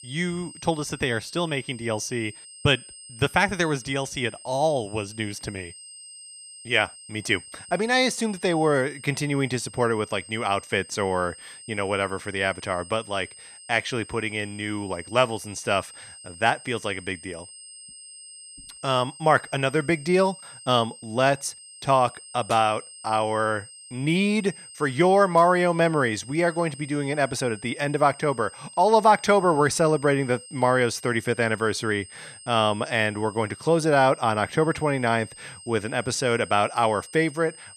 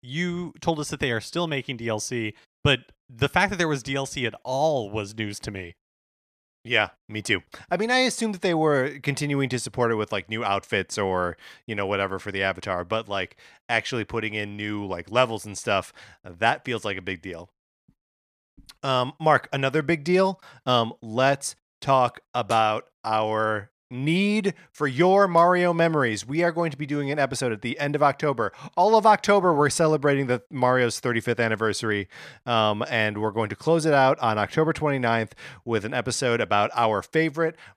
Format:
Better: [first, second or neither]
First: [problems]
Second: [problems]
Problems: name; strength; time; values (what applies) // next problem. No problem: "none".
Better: second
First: high-pitched whine; noticeable; throughout; 8.5 kHz, 20 dB below the speech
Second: none